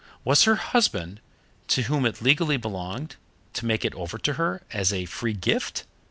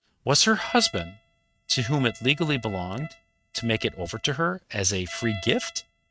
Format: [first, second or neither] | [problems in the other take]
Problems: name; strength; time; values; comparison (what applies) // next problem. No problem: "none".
first | noise reduction (neural mask model RNNoise)